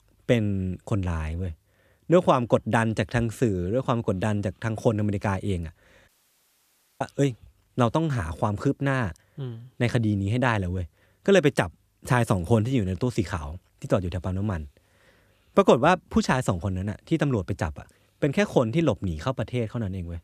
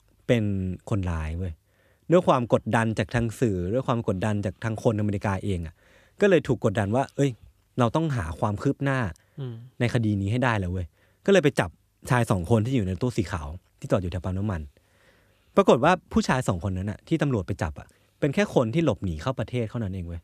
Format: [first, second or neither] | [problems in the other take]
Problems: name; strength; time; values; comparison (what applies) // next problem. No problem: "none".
second | audio cutting out; at 6 s for 1 s